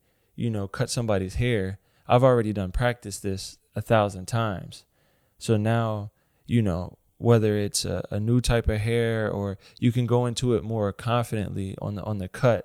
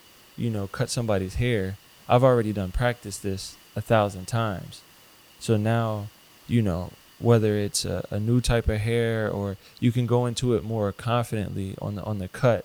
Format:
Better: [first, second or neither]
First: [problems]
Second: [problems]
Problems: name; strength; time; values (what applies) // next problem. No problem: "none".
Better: first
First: none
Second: hiss; faint; throughout; 25 dB below the speech